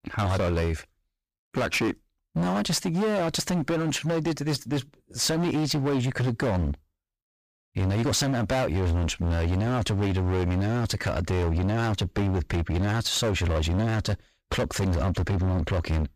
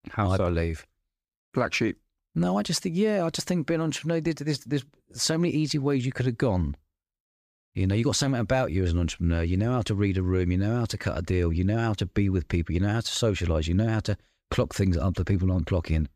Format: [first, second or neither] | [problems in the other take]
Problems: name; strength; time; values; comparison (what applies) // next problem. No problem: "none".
second | distortion; heavy; 26% of the sound clipped